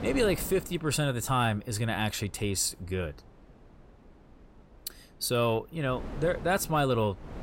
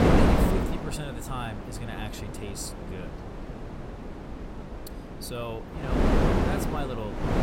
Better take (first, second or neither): first